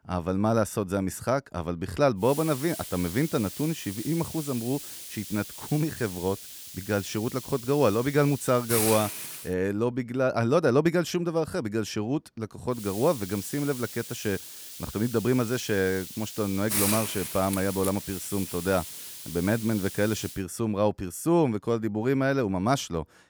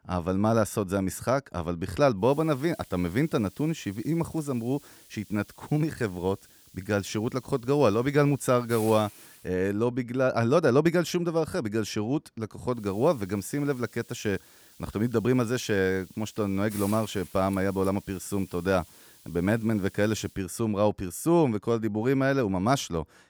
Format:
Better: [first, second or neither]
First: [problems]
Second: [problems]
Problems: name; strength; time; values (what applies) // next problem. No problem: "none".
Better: second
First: hiss; loud; from 2.5 to 9.5 s and from 13 to 20 s; 7 dB below the speech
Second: hiss; faint; from 2.5 to 9.5 s and from 13 to 20 s; 20 dB below the speech